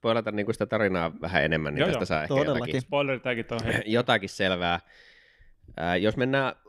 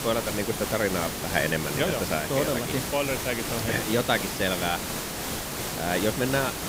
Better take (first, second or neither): first